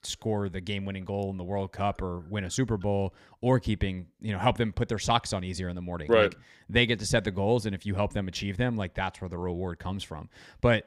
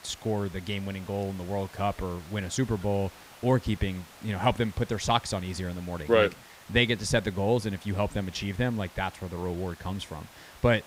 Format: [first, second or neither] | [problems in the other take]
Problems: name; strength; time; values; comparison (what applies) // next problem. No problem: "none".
first | hiss; faint; throughout; 20 dB below the speech